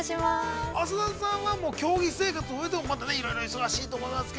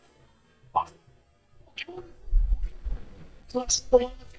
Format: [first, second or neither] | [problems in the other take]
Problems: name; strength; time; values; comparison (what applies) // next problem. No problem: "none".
first | noise reduction (neural mask model DeepFilterNet 3)